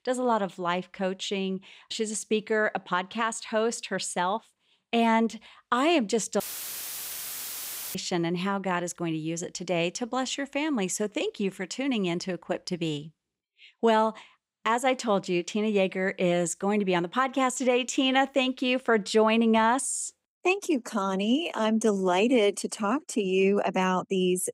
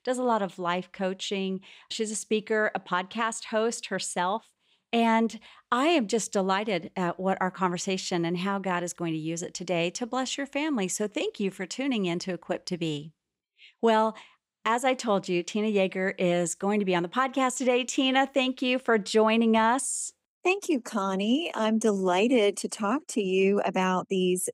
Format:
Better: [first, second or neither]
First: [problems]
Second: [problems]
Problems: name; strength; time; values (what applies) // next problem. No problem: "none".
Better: second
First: audio cutting out; filled with static; at 6.5 s for 1.5 s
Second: none